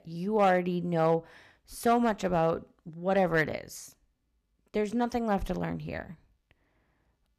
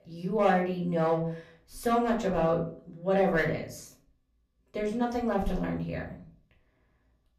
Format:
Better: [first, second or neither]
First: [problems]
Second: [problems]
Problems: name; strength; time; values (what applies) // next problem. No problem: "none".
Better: first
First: none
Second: off-mic speech; far // room echo; slight; dies away in 0.4 s